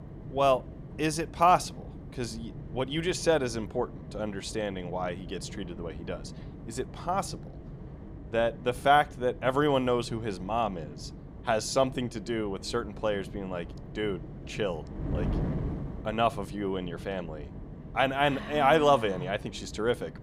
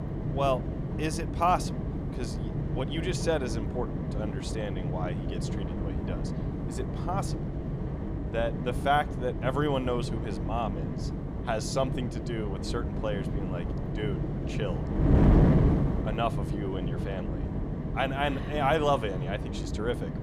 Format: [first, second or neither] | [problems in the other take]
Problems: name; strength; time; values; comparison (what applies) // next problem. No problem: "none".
first | wind noise on the microphone; heavy; 7 dB below the speech; occasional gusts in the first